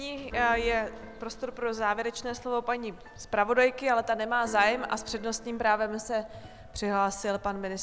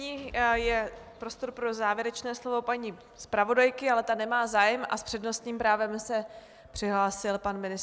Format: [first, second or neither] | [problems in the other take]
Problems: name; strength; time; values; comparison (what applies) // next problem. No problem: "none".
second | background sound (Keyboard (musical)); 17 dB below the speech